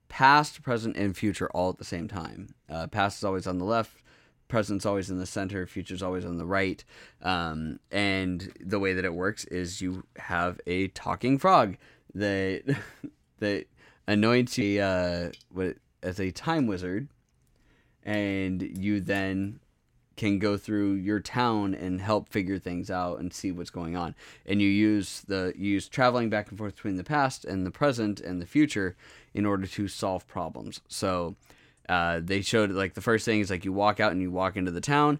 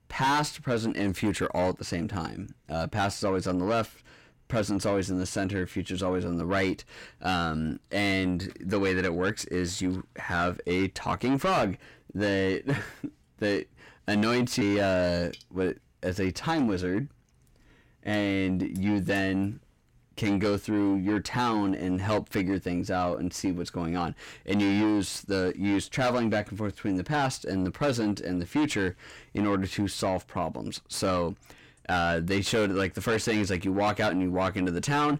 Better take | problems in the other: first | distortion; heavy; 7 dB below the speech

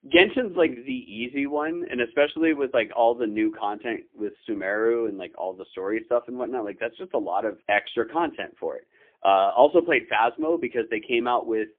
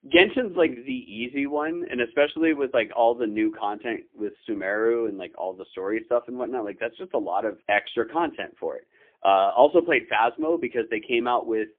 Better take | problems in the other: neither | phone-call audio; poor line; nothing above 3.5 kHz; the same in both

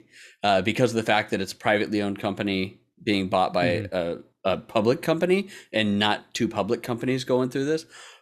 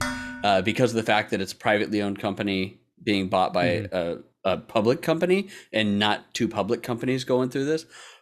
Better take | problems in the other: first | clattering dishes; noticeable; at the start; peak 5 dB below the speech

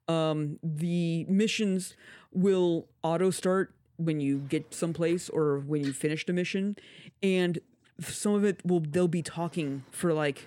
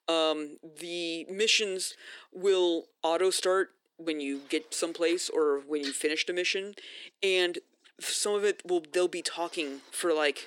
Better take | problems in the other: first | thin; very; fading below 300 Hz

